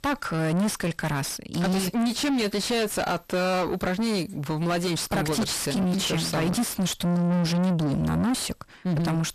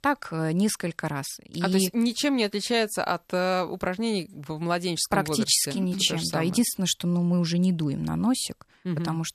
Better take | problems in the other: second | distortion; heavy; 5 dB below the speech

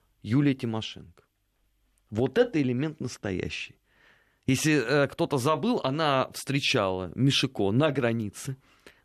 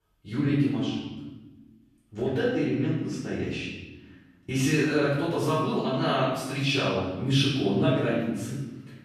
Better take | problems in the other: first | off-mic speech; far // room echo; strong; dies away in 1.1 s

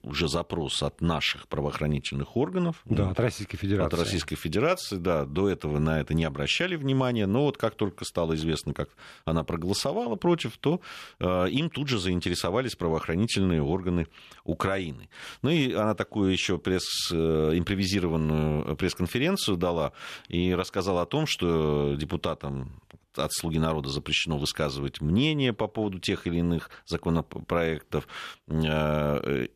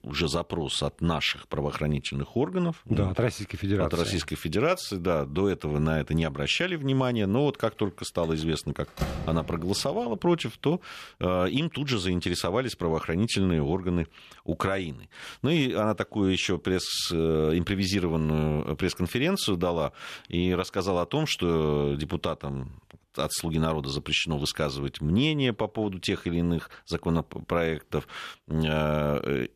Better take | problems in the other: first | door banging; noticeable; at 9 s; peak 5 dB below the speech

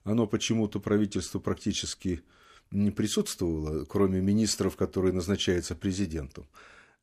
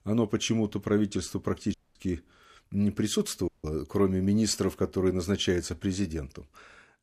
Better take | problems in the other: first | audio cutting out; at 1.5 s and at 3.5 s

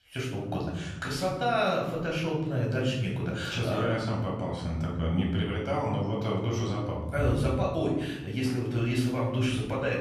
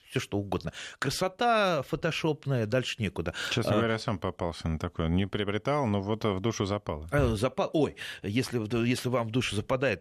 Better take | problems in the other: second | off-mic speech; far // room echo; noticeable; dies away in 1.2 s

